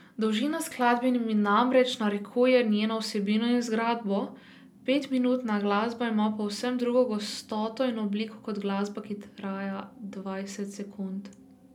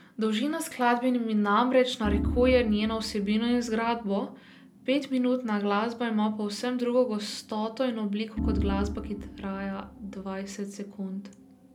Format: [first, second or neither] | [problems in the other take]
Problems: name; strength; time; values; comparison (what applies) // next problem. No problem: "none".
first | background sound (Organ); 5 dB below the speech